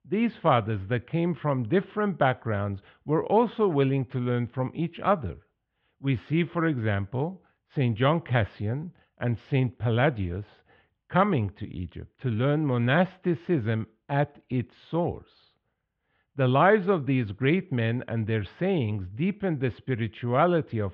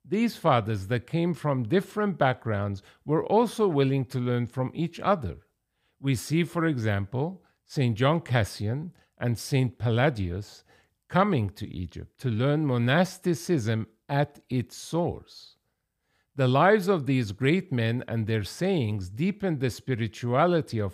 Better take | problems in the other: second | muffled; very; fading above 3 kHz

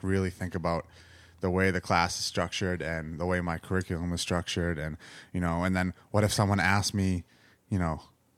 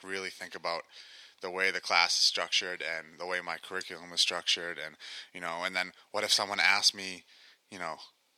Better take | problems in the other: first | thin; very; fading below 550 Hz

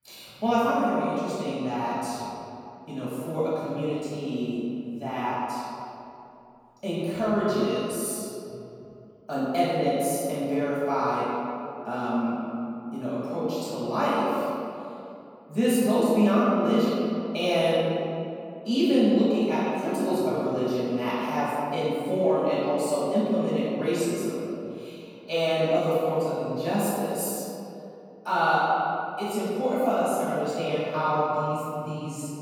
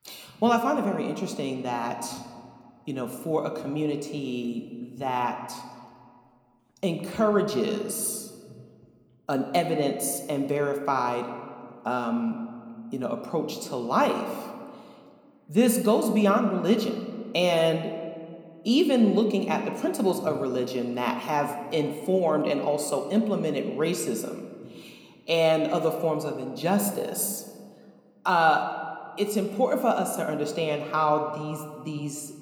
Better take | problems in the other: second | room echo; strong; dies away in 2.4 s; slight in the second // off-mic speech; far

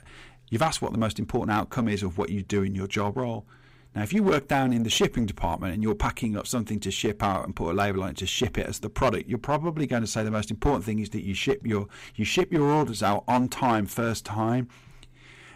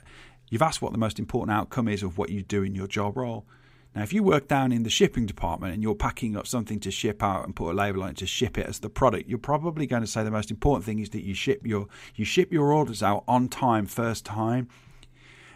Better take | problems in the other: second | distortion; slight; 5% of the sound clipped

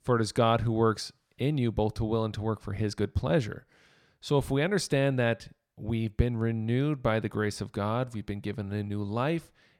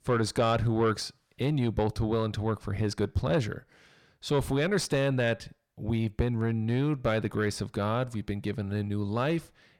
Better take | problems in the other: first | distortion; slight; 10 dB below the speech

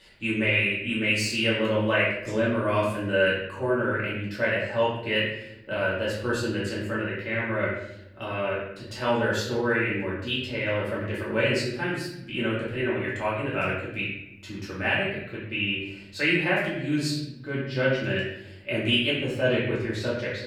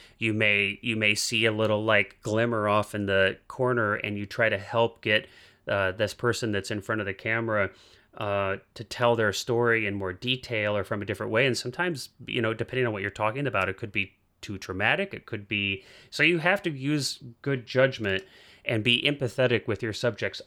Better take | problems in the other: second | room echo; noticeable; dies away in 0.8 s // off-mic speech; far

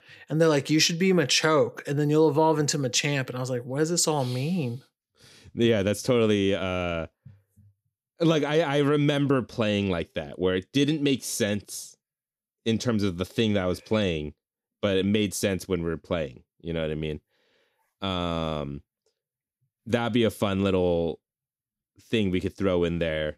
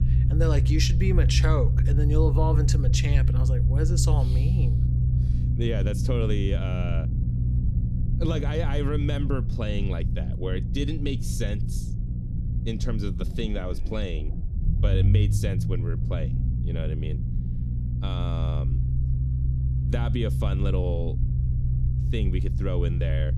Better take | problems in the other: first | low rumble; loud; throughout; 5 dB below the speech

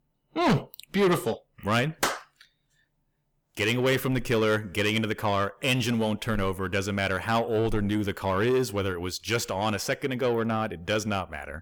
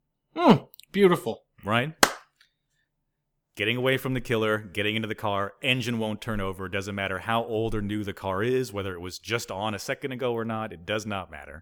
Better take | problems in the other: second | distortion; heavy; 6 dB below the speech

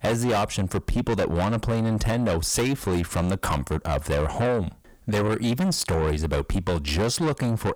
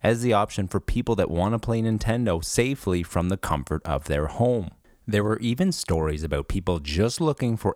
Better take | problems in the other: second | distortion; heavy; 7 dB below the speech

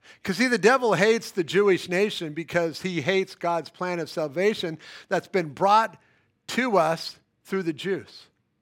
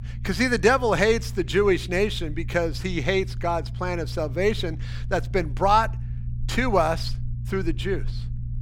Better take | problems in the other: first | low rumble; faint; throughout; 25 dB below the speech

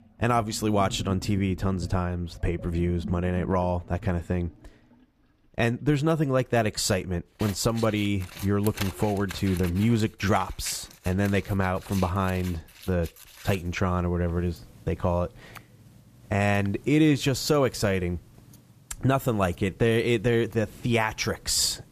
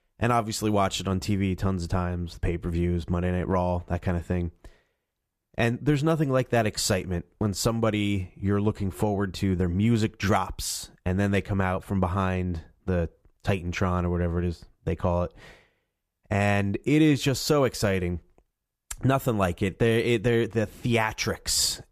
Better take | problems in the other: second | household noises; noticeable; throughout; 15 dB below the speech

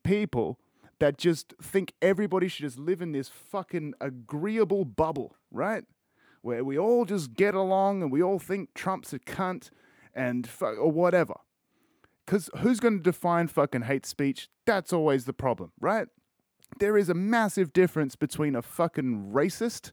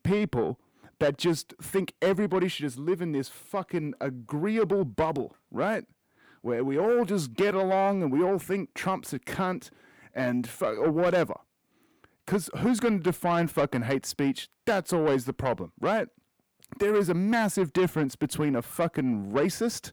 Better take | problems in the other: first | distortion; slight; 10 dB below the speech

